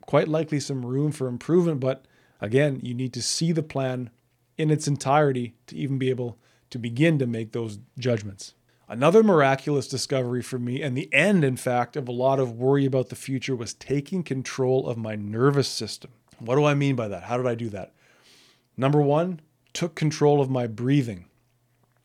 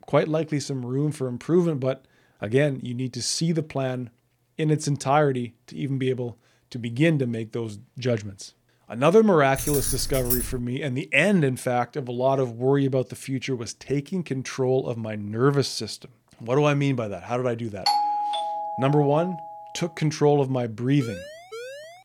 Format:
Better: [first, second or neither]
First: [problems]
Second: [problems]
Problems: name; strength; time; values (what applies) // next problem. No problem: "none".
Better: first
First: none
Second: jangling keys; noticeable; from 9.5 to 11 s; peak 1 dB below the speech // doorbell; loud; from 18 to 19 s; peak 2 dB above the speech // siren; faint; from 21 s on; peak 15 dB below the speech